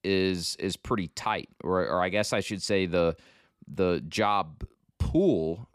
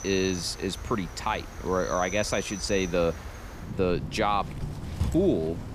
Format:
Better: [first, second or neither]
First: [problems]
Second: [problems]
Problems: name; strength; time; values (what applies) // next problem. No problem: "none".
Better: first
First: none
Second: animal sounds; noticeable; throughout; 10 dB below the speech